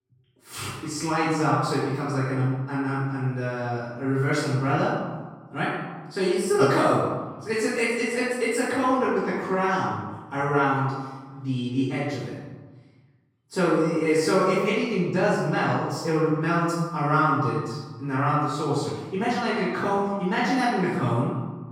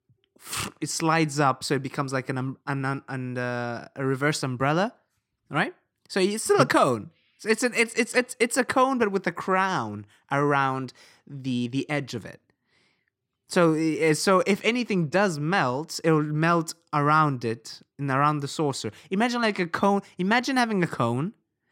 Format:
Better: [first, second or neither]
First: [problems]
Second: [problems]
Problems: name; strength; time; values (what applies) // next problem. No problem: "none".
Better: second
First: off-mic speech; far // room echo; strong; dies away in 1.2 s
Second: none